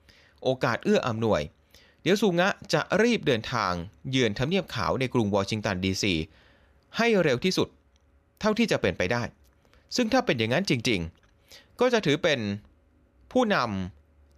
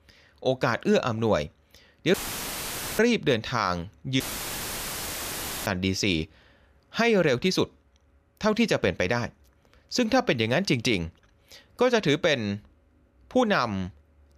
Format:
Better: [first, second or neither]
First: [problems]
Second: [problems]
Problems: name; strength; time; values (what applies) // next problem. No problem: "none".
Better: first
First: none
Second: audio cutting out; filled with static; at 2 s for 1 s and at 4 s for 1.5 s